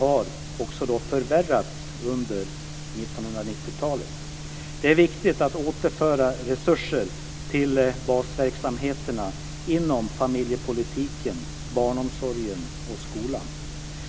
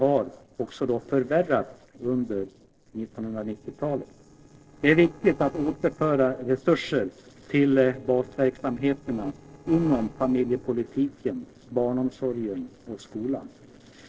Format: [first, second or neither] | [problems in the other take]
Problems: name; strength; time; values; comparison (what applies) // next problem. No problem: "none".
first | noise reduction (neural separator model SepFormer DNS4)